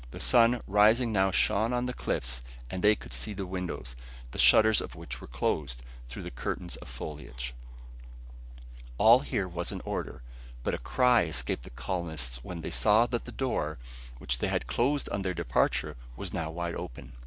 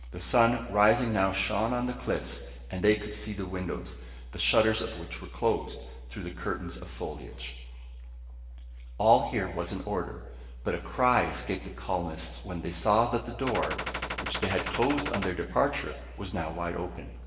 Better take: first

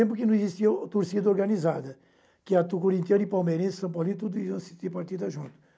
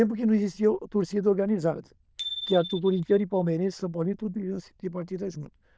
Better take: first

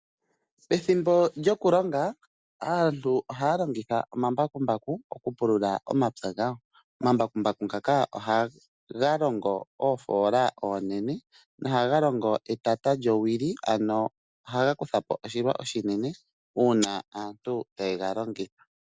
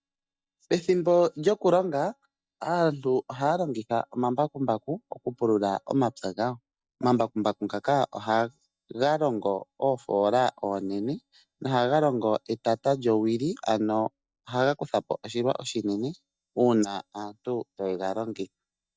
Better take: first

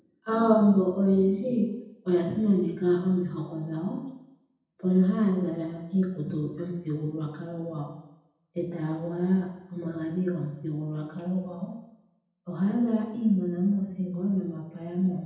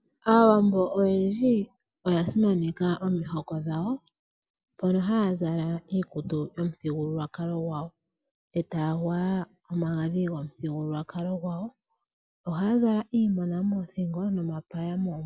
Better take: second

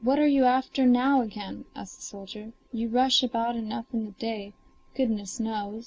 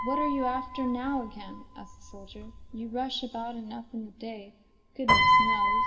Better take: first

